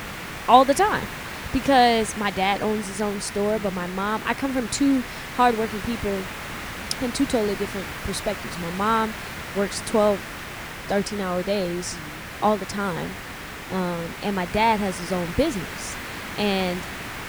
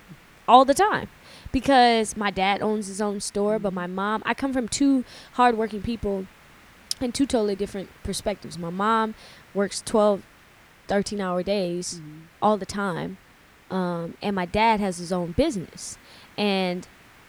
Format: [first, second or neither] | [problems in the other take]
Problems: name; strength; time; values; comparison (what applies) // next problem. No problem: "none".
second | hiss; loud; throughout; 9 dB below the speech; faint in the second